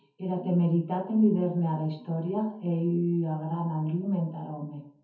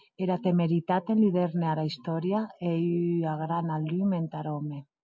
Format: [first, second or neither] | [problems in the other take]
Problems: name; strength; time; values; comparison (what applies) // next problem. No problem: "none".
second | room echo; dies away in 0.5 s